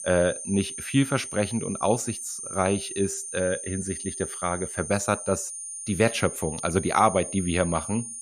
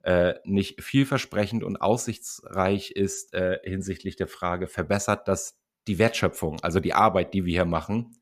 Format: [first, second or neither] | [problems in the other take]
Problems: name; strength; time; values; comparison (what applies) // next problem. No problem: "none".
second | high-pitched whine; loud; throughout; 9 kHz, 7 dB below the speech